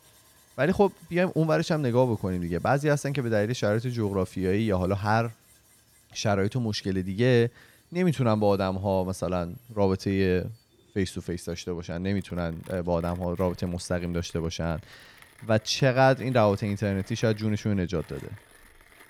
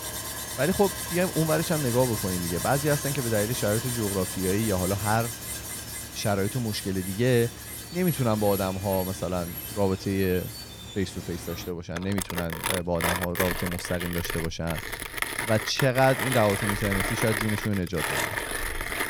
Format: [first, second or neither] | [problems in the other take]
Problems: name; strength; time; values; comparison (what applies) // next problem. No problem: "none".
first | machinery noise; loud; throughout; 4 dB below the speech; faint in the first